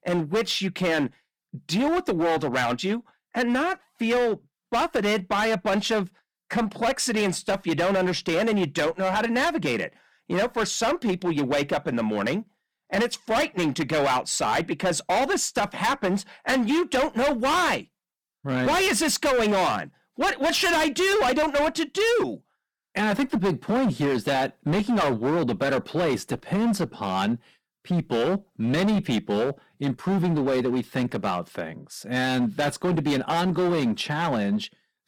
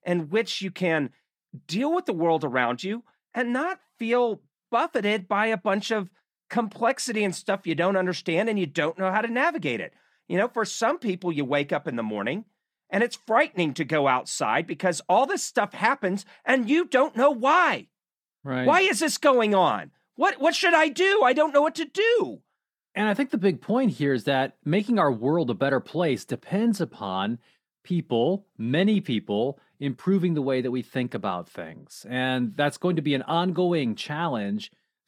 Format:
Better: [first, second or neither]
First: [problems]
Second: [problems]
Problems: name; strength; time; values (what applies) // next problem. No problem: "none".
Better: second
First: distortion; heavy; 18% of the sound clipped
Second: none